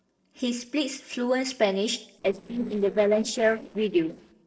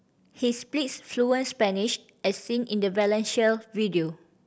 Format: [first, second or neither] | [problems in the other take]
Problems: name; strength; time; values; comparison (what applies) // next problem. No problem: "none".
second | noise reduction (neural separator model SepFormer DNS4)